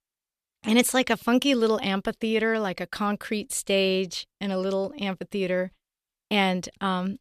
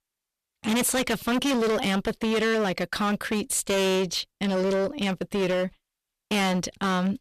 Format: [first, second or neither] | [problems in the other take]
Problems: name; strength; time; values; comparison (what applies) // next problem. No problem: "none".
first | distortion; heavy; 24% of the sound clipped